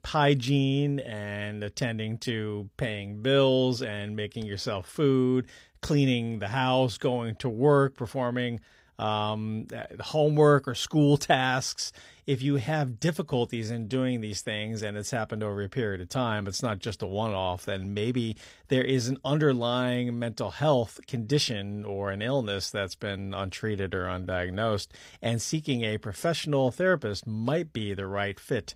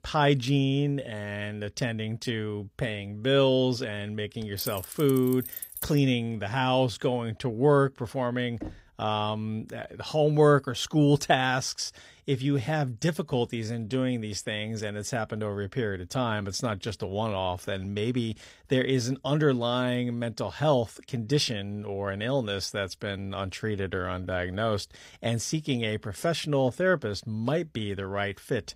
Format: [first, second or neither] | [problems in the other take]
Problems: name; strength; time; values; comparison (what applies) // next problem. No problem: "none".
first | jangling keys; noticeable; from 4.5 to 6 s; peak 8 dB below the speech // door banging; faint; at 8.5 s; peak 15 dB below the speech